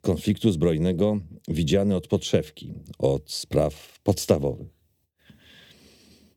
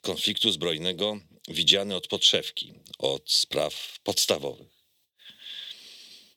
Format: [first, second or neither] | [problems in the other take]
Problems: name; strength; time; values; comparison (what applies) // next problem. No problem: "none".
first | thin; somewhat; fading below 1 kHz